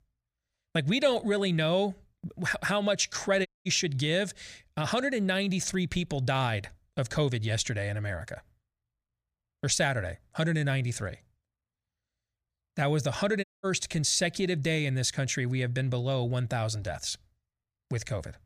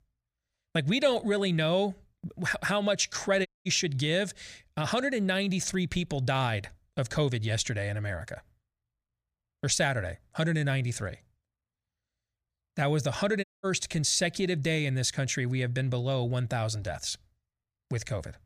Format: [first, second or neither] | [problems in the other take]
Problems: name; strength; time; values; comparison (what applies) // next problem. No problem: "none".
neither | audio cutting out; at 3.5 s and at 13 s; the same in both